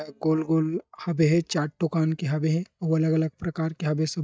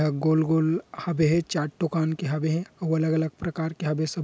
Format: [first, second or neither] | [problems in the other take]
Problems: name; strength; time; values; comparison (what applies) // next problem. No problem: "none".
second | noise reduction (neural mask model DeepFilterNet 3)